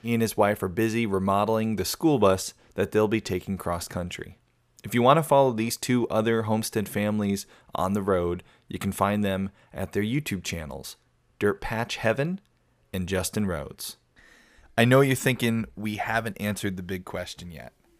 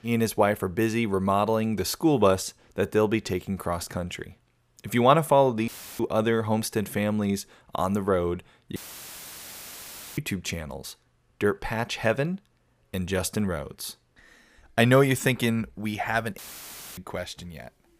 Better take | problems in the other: first | audio cutting out; filled with static; at 5.5 s, at 9 s for 1.5 s and at 16 s for 0.5 s

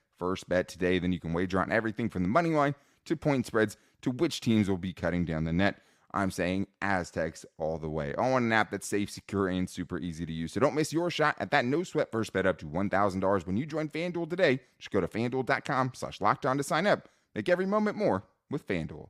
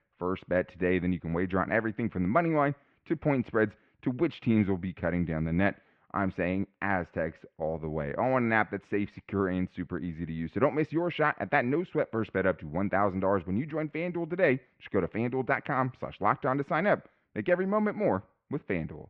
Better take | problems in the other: first | muffled; very; fading above 2.5 kHz

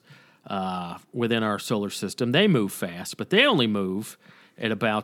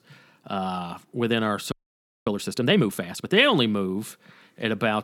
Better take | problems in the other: first | audio freezing; at 1.5 s for 0.5 s

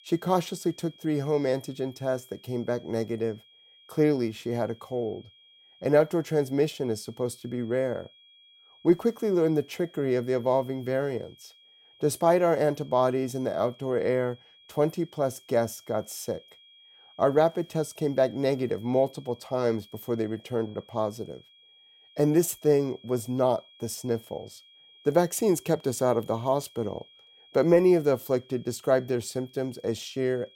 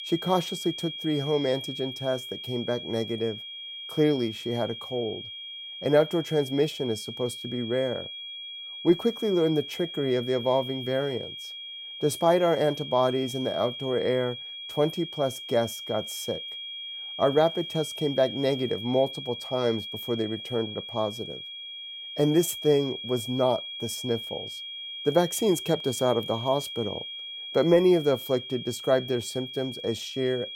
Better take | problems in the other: first | high-pitched whine; loud; throughout; 3.5 kHz, 8 dB below the speech; faint in the first

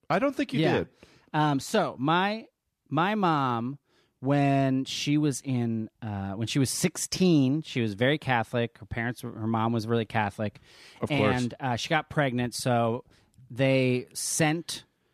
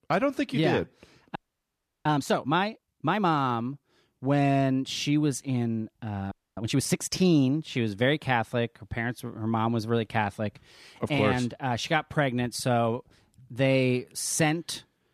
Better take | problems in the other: first | audio freezing; at 1.5 s for 0.5 s and at 6.5 s

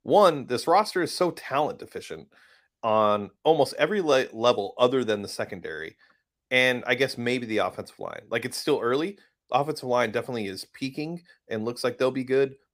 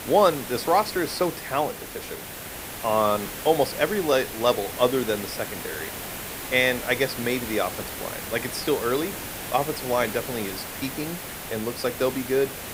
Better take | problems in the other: first | hiss; loud; throughout; 8 dB below the speech

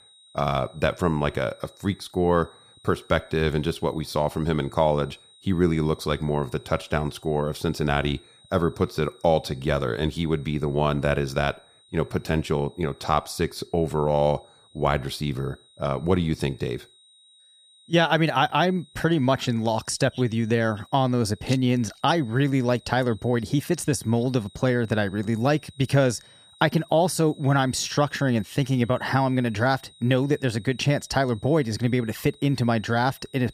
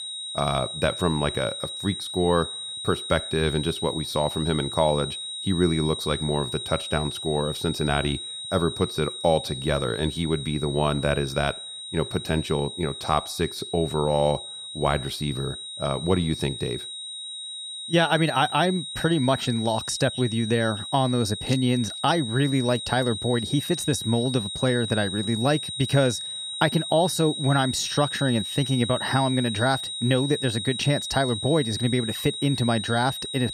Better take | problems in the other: first | high-pitched whine; loud; throughout; 4 kHz, 6 dB below the speech; faint in the first

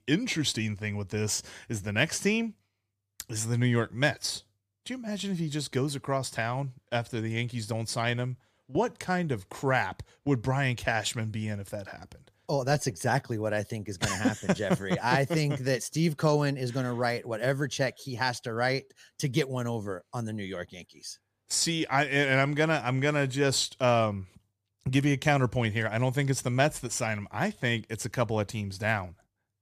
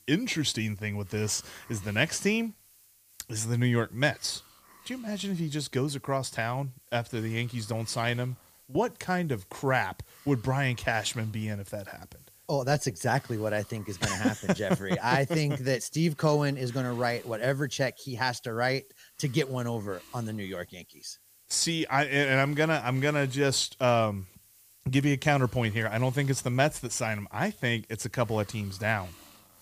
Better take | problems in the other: first | hiss; faint; throughout; 25 dB below the speech

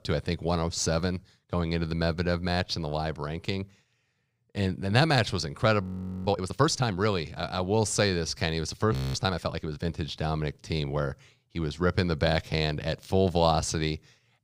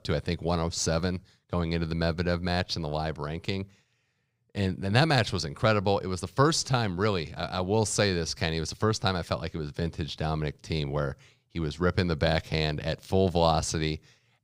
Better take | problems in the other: second | audio freezing; at 6 s and at 9 s

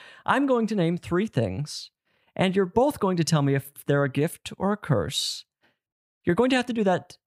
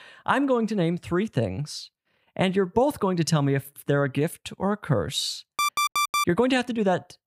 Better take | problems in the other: first | alarm; loud; at 5.5 s; peak 2 dB above the speech

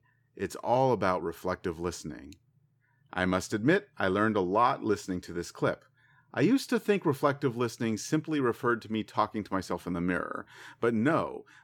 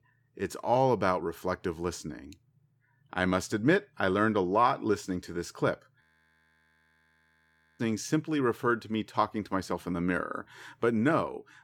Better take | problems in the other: first | audio freezing; at 6 s for 2 s

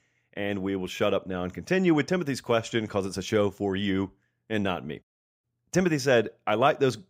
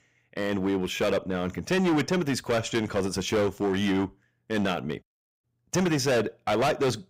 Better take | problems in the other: first | distortion; heavy; 14% of the sound clipped

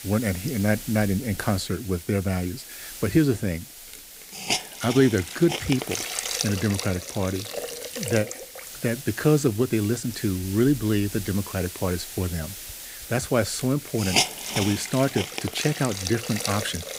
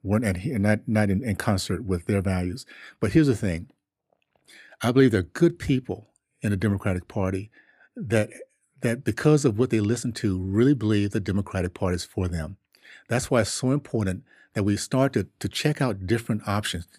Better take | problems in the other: second | hiss; loud; throughout; 6 dB below the speech

